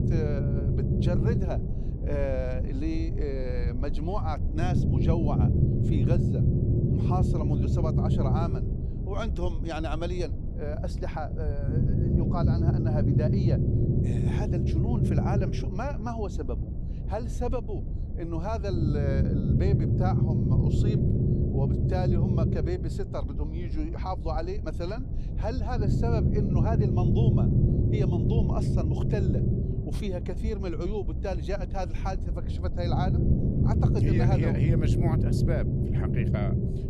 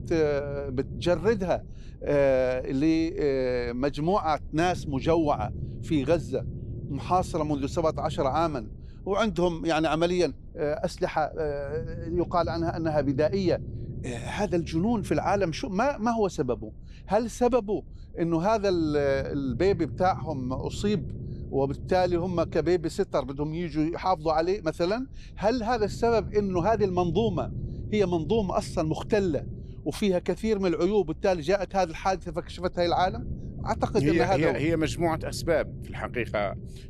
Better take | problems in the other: second | low rumble; loud; throughout; 1 dB below the speech; faint in the second

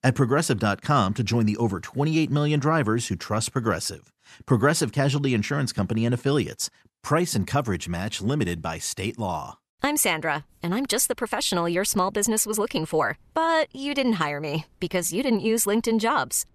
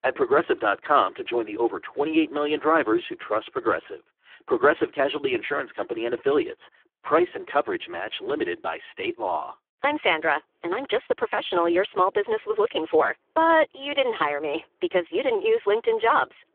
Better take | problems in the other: first | phone-call audio; poor line

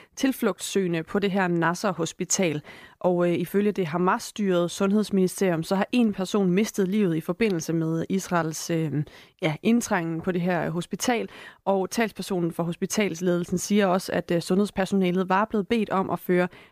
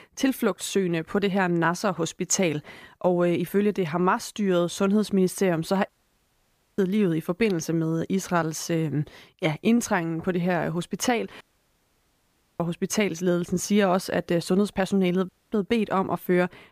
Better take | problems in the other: first | audio cutting out; at 6 s for 1 s, at 11 s for 1 s and at 15 s

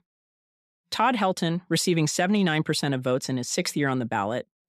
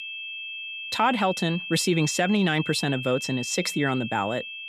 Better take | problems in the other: first | high-pitched whine; loud; throughout; 2.5 kHz, 8 dB below the speech

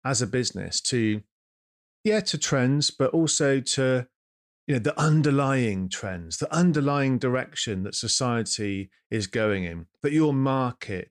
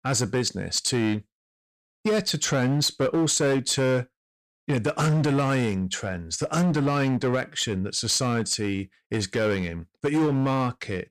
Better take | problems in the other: first | distortion; slight; 12% of the sound clipped

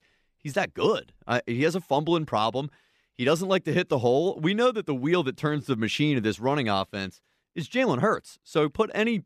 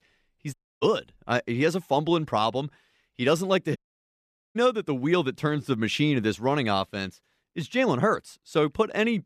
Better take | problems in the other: first | audio cutting out; at 0.5 s and at 4 s for 1 s

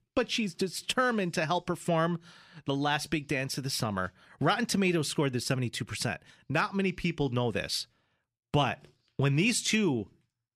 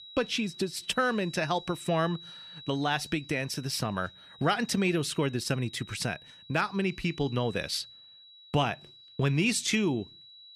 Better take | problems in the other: first | high-pitched whine; noticeable; throughout; 4 kHz, 20 dB below the speech

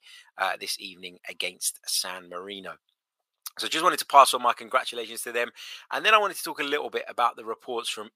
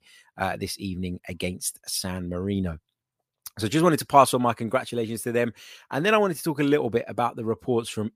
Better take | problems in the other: second | thin; very; fading below 650 Hz

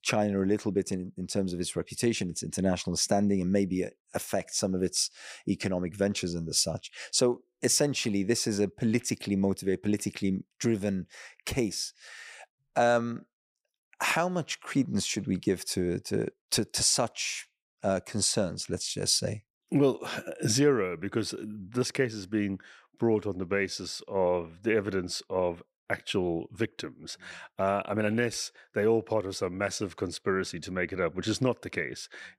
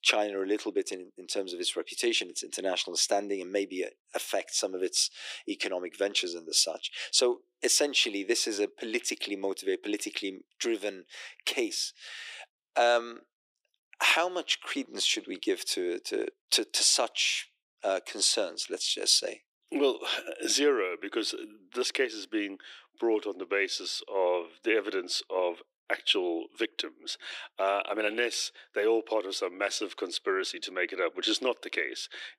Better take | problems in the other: first | thin; somewhat; fading below 300 Hz

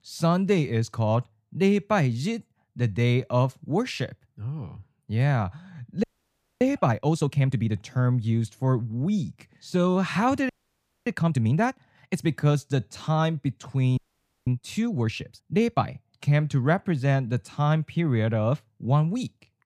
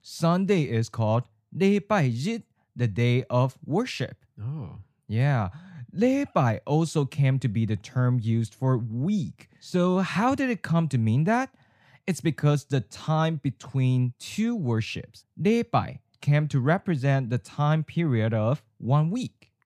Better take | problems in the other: second | audio freezing; at 6 s for 0.5 s, at 10 s for 0.5 s and at 14 s for 0.5 s

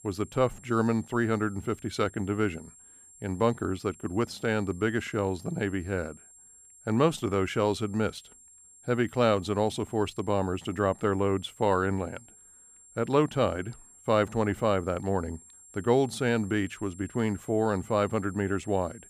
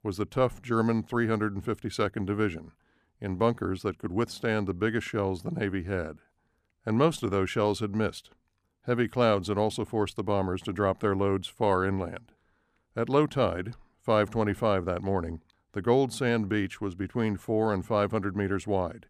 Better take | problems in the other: second | high-pitched whine; faint; throughout; 7.5 kHz, 25 dB below the speech

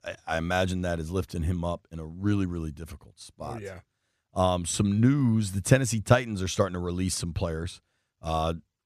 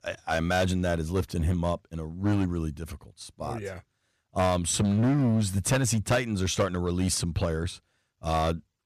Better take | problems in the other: first | distortion; heavy; 7% of the sound clipped

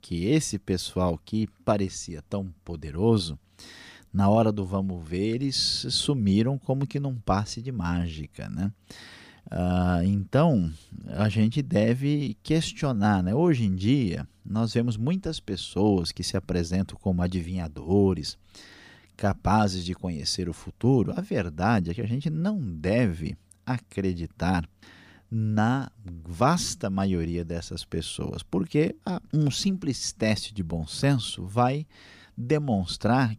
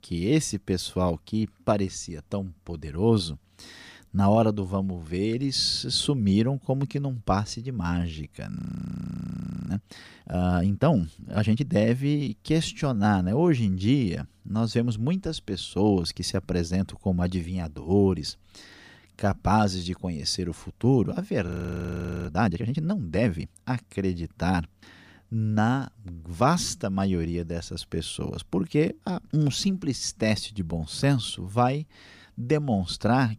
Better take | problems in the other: first | audio freezing; at 8.5 s for 1 s and at 21 s for 1 s

